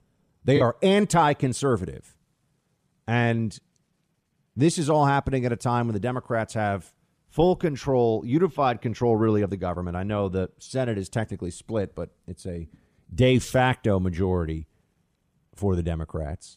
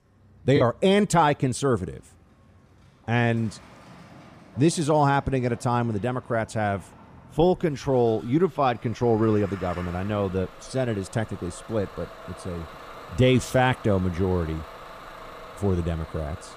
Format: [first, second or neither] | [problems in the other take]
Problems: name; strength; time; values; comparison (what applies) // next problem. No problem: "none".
first | traffic noise; noticeable; throughout; 20 dB below the speech